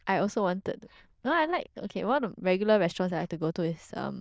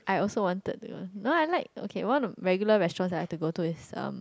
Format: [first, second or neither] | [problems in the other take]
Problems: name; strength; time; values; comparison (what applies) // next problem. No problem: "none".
second | noise reduction (neural diffusion model UNIVERSE++)